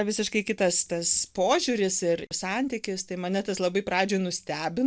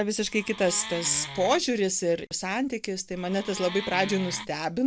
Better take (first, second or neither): first